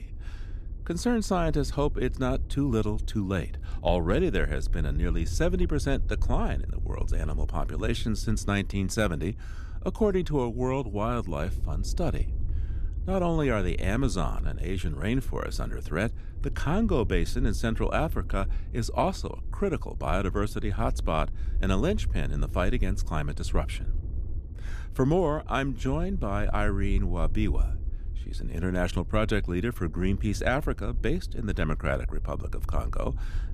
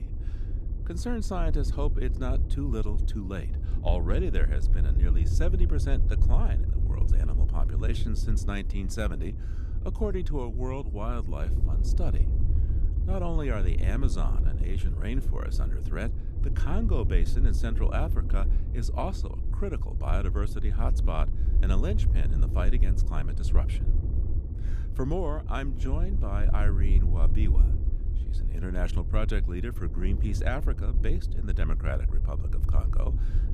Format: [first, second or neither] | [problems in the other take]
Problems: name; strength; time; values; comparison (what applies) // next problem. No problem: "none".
first | low rumble; loud; throughout; 9 dB below the speech; faint in the first